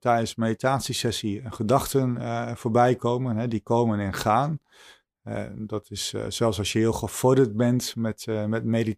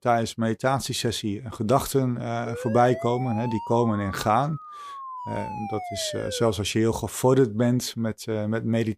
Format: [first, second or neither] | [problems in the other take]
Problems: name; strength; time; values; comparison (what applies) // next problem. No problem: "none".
first | siren; noticeable; from 2.5 to 6.5 s; peak 9 dB below the speech